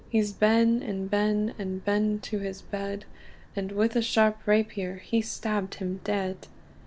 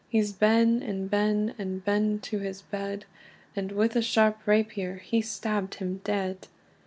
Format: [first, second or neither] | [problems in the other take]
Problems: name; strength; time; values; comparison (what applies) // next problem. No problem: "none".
second | background sound (Aircraft); 20 dB below the speech